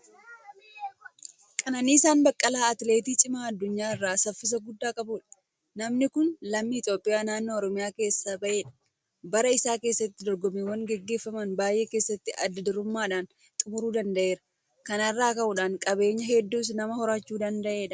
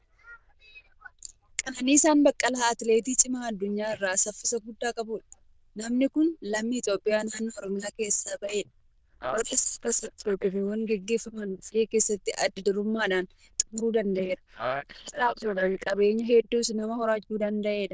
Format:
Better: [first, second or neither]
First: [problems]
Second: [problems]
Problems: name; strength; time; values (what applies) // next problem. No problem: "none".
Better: first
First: none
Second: noise reduction (neural diffusion model UNIVERSE++)